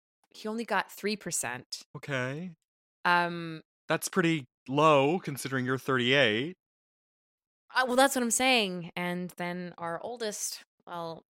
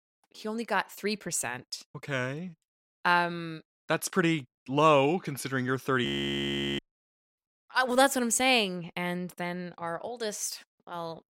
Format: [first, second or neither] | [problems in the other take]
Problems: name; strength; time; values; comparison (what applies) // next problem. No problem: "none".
first | audio freezing; at 6 s for 0.5 s